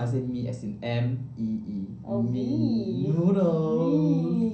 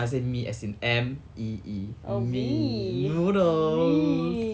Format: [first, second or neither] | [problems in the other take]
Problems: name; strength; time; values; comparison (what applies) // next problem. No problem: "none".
second | room echo; dies away in 0.6 s